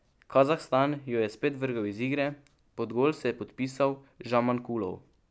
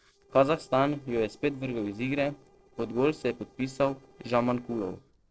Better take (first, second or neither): first